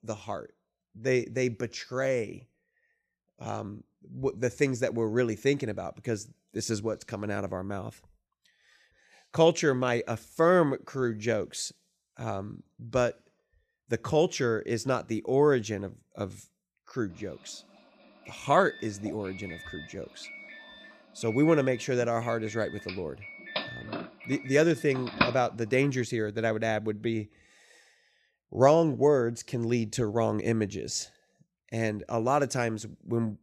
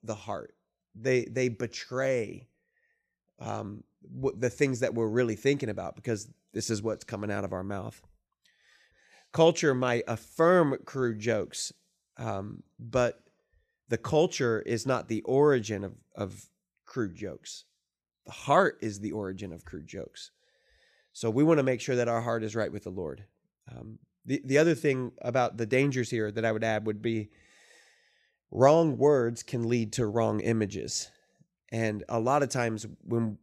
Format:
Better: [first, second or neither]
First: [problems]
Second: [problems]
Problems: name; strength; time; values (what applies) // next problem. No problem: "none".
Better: second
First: doorbell; loud; from 24 to 25 s; peak 1 dB above the speech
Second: none